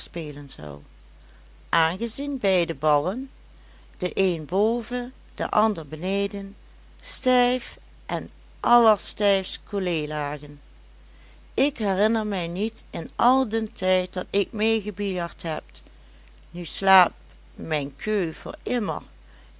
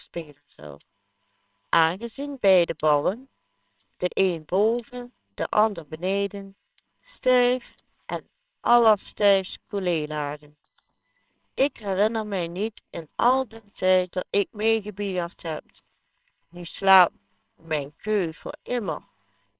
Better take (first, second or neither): first